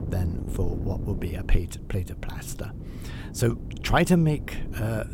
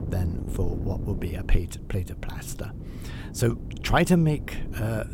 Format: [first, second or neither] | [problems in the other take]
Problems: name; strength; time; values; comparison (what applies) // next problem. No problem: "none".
neither | wind noise on the microphone; occasional gusts; 15 dB below the speech; the same in both